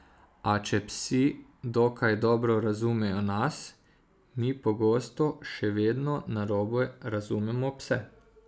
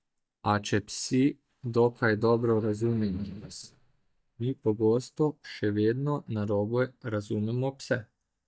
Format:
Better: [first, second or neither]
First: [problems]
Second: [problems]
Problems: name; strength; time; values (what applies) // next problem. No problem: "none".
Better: first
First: none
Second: noise reduction (neural mask model DeepFilterNet 3)